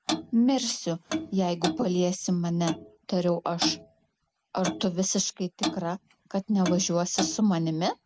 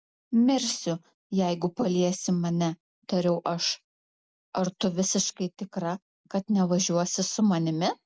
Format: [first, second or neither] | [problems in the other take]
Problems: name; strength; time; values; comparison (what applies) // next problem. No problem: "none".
second | background sound (Clock); 8 dB below the speech